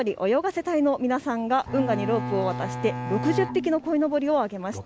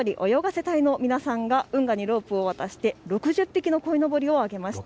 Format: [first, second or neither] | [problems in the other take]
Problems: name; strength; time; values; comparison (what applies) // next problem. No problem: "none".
second | background sound (Bowed string instrument); 7 dB below the speech